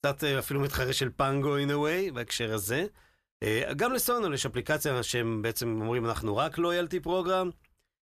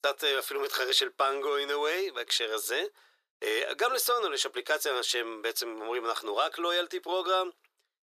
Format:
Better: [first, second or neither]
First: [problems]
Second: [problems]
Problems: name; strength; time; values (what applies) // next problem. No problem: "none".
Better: first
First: none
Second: thin; very; fading below 400 Hz